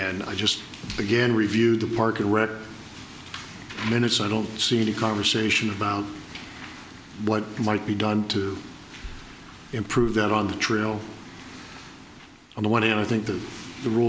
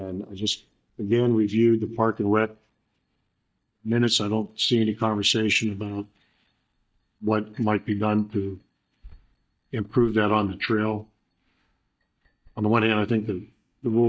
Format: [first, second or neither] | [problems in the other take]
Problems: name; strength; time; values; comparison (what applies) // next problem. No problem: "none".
first | noise reduction (neural mask model DeepFilterNet 3)